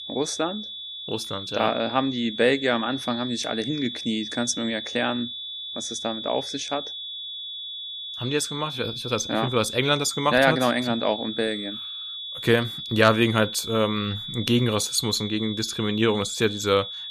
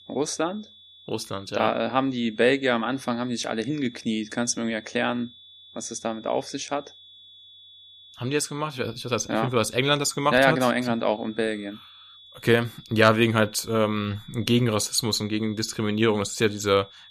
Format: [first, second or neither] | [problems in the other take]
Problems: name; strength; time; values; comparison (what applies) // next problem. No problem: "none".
second | high-pitched whine; loud; throughout; 3.5 kHz, 7 dB below the speech; faint in the second